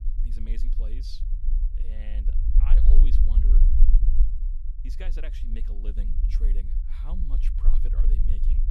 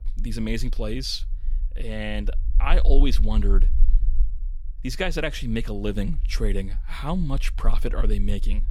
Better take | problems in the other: second | low rumble; loud; throughout; 1 dB below the speech; faint in the second

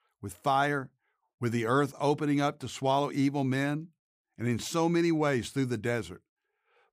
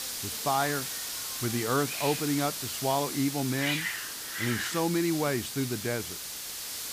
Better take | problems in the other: first | hiss; loud; throughout; 3 dB below the speech

